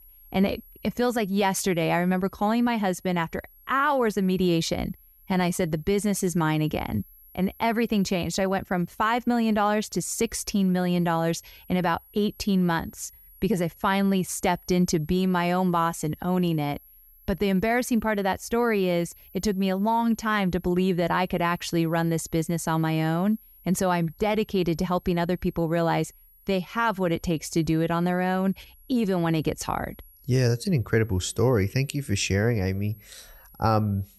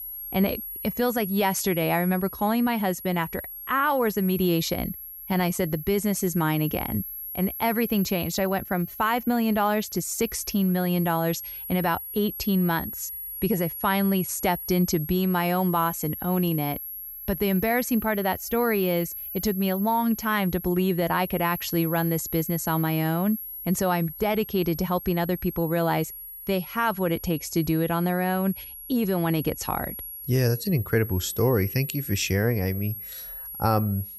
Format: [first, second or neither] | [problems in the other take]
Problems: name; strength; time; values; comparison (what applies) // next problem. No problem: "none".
first | high-pitched whine; loud; throughout; 11.5 kHz, 9 dB below the speech; faint in the first